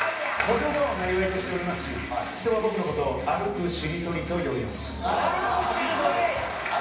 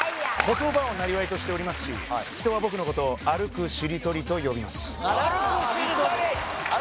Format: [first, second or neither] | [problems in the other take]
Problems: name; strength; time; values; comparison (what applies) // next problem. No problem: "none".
second | room echo; dies away in 0.9 s